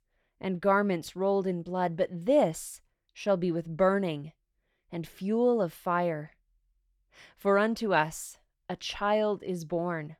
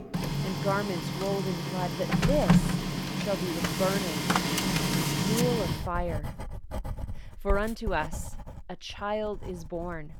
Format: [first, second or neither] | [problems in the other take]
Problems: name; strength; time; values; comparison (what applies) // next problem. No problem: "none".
first | household noises; very loud; throughout; 3 dB above the speech